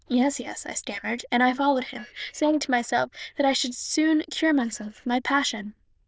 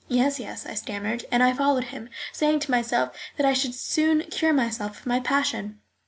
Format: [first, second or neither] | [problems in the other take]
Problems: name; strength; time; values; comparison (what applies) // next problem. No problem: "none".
second | noise reduction (neural diffusion model UNIVERSE++)